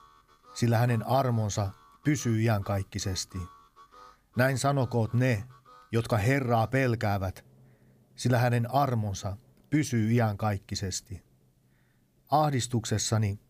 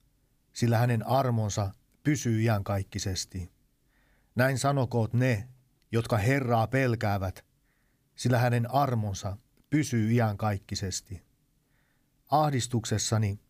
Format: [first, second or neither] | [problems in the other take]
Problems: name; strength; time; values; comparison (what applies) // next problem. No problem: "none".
second | background music; faint; throughout; 30 dB below the speech